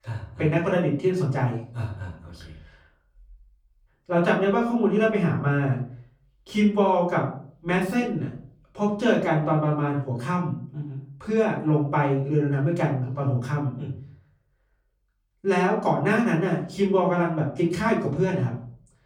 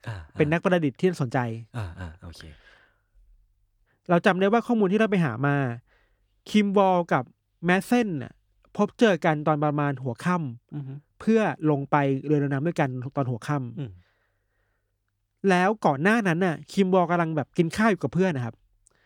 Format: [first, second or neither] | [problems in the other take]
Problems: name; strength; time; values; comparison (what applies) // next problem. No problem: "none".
second | room echo; slight; dies away in 0.4 s // off-mic speech; far